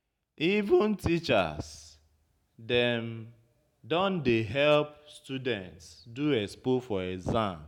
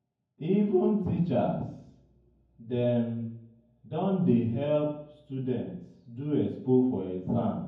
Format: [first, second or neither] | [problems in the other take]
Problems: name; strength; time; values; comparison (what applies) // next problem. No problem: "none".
first | room echo; dies away in 0.9 s